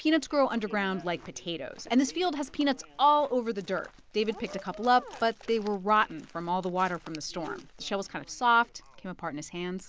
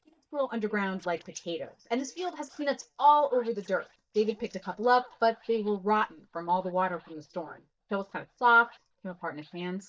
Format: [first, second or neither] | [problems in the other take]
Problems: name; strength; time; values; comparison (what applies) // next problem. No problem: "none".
first | noise reduction (neural mask model DeepFilterNet 3)